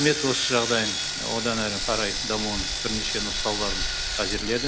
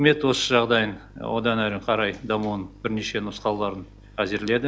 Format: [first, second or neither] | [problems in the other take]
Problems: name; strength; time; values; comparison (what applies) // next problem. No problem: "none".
second | background sound (Sawing); as loud as the speech